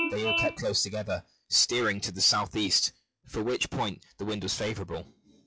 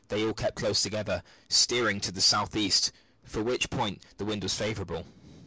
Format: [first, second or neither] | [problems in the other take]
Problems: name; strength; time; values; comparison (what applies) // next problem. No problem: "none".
second | noise reduction (classical method log-MMSE)